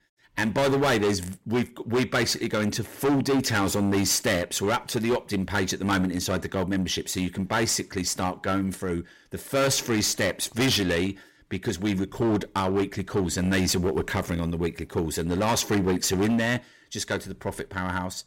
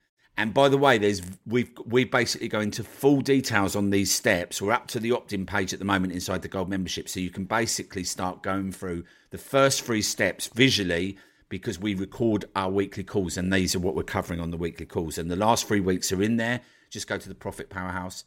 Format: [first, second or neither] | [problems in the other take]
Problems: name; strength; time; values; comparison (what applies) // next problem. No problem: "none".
second | distortion; heavy; 11% of the sound clipped